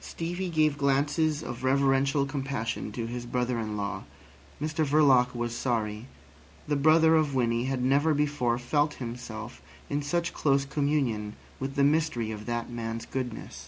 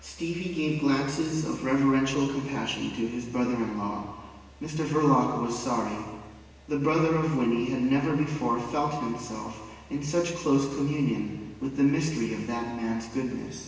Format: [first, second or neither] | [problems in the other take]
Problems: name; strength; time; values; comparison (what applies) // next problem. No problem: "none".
first | room echo; dies away in 1.3 s